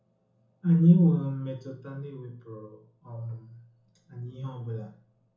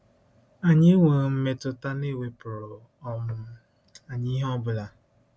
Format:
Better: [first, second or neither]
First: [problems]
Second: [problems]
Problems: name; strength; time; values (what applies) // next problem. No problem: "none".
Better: second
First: room echo; dies away in 0.6 s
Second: none